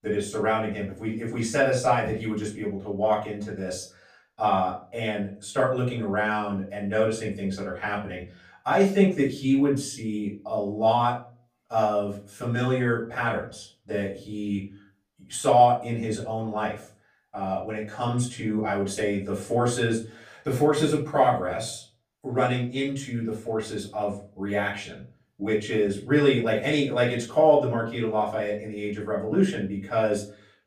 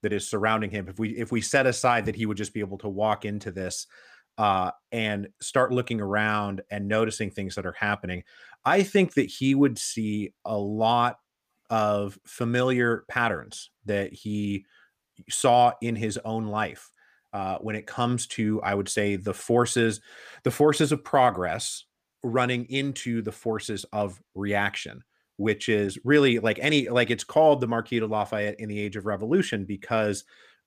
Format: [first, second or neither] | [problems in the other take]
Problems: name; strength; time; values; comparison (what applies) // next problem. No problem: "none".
second | off-mic speech; far // room echo; slight; dies away in 0.3 s